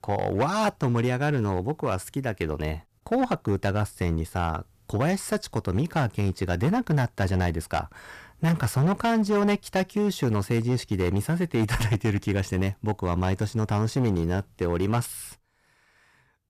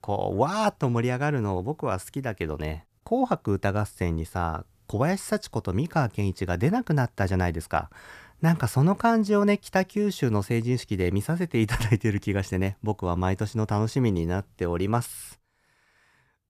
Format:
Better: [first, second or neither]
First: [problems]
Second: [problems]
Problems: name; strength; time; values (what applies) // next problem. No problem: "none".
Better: second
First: distortion; slight; 9% of the sound clipped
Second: none